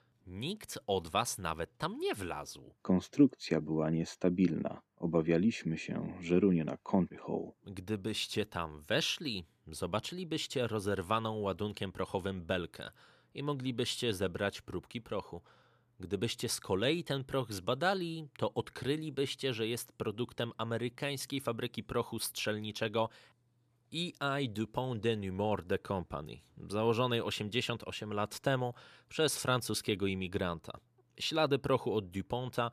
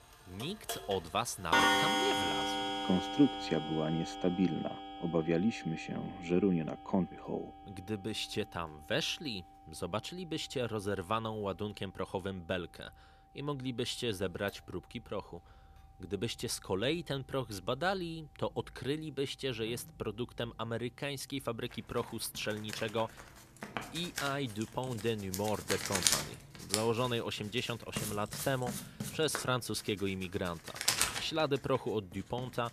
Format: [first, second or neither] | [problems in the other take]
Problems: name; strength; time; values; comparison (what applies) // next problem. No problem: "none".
first | household noises; very loud; throughout; 1 dB above the speech